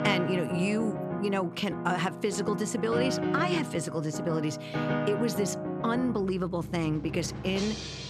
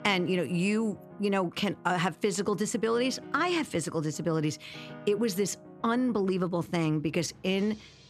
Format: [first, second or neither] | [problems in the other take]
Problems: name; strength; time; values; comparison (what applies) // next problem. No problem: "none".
second | background music; loud; throughout; 4 dB below the speech; faint in the second